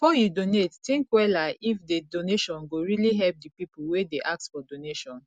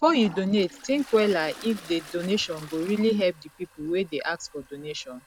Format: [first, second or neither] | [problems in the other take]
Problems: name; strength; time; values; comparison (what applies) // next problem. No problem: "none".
first | background sound (Toilet flush); 20 dB below the speech